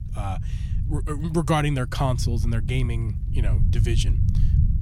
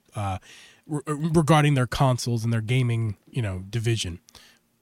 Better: second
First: low rumble; noticeable; throughout; 10 dB below the speech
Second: none

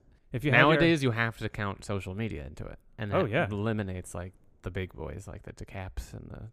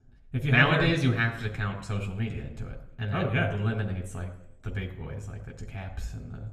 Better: first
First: none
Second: room echo; slight; dies away in 0.7 s // off-mic speech; somewhat distant

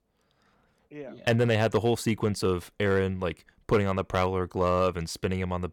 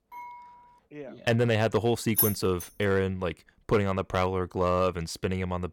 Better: first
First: none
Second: clattering dishes; faint; at the start; peak 15 dB below the speech // jangling keys; loud; at 2 s; peak 2 dB above the speech

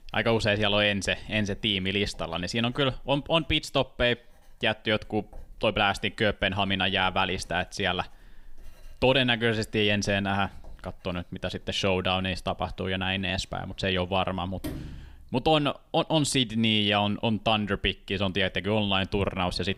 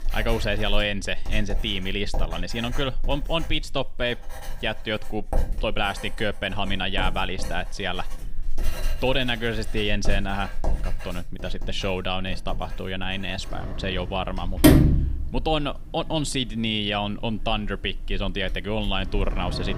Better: first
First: household noises; faint; throughout; 25 dB below the speech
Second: household noises; loud; throughout; 2 dB below the speech

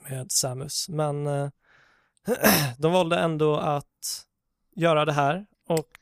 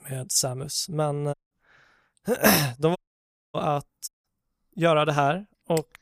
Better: first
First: none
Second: audio cutting out; at 1.5 s, at 3 s for 0.5 s and at 4 s

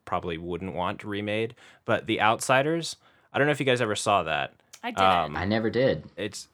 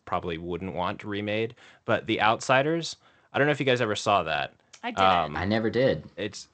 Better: first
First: none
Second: garbled, watery; slightly; nothing above 8 kHz

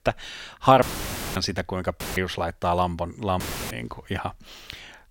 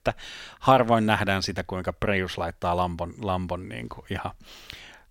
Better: second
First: audio cutting out; filled with static; at 1 s for 0.5 s, at 2 s and at 3.5 s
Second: none

